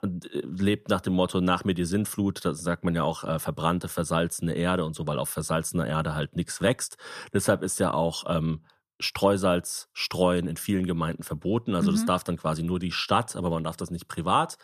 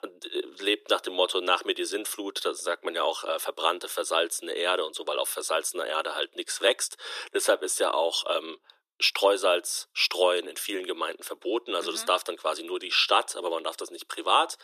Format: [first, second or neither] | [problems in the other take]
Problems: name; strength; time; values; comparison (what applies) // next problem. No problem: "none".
first | thin; very; fading below 350 Hz